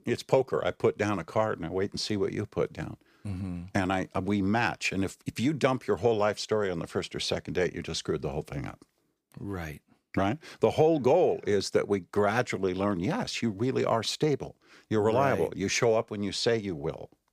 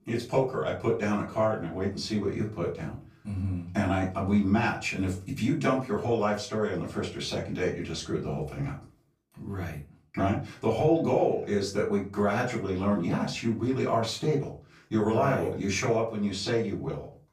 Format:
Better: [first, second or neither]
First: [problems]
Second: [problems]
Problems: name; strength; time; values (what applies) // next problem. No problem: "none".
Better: first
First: none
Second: off-mic speech; far // room echo; slight; dies away in 0.3 s